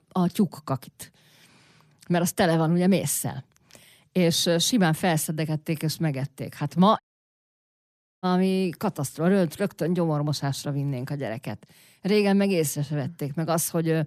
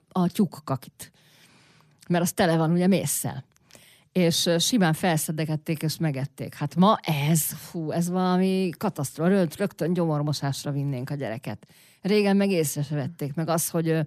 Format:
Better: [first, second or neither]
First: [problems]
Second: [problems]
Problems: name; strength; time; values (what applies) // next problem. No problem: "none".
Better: second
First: audio cutting out; at 7 s for 1 s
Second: none